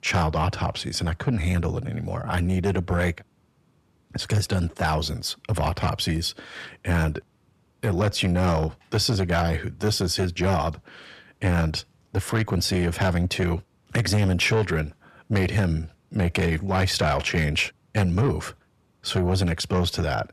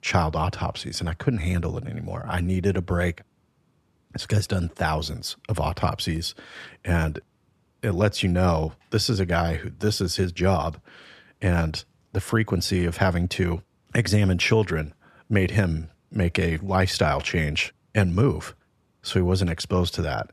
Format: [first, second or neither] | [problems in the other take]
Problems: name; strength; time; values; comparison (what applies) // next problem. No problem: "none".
second | distortion; slight; 10 dB below the speech